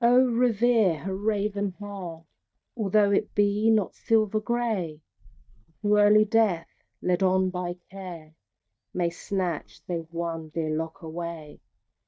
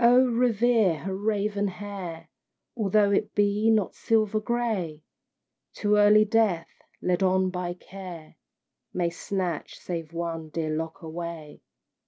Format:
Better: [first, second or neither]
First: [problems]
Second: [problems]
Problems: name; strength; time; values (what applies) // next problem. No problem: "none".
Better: second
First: noise reduction (neural mask model DeepFilterNet 3)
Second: none